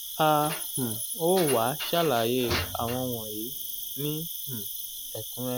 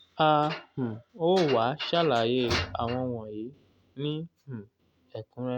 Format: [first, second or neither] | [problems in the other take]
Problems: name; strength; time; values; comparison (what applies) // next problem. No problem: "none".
second | background sound (Cricket); 7 dB below the speech